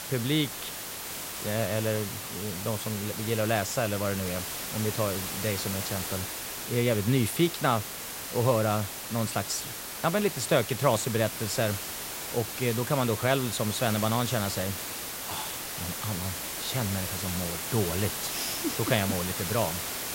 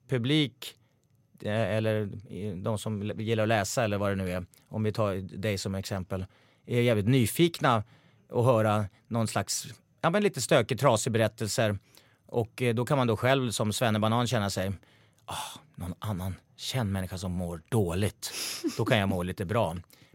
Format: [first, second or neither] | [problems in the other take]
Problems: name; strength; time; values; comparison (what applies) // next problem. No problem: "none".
second | hiss; loud; throughout; 4 dB below the speech